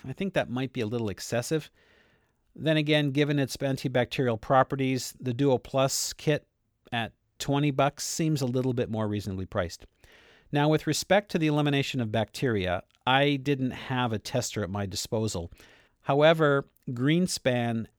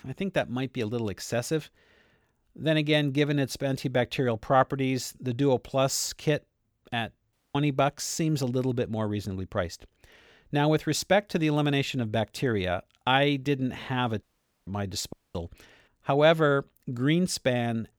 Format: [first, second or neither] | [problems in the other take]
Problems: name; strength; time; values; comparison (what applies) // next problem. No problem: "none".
first | audio cutting out; at 7.5 s, at 14 s and at 15 s